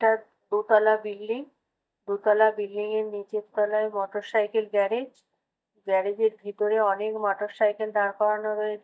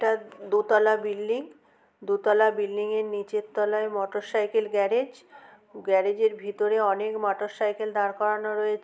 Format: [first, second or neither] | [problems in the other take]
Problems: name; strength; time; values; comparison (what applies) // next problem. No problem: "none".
second | noise reduction (neural mask model DeepFilterNet 3)